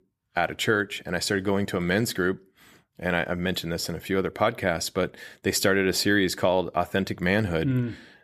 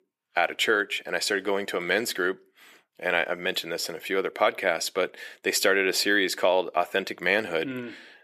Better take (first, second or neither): first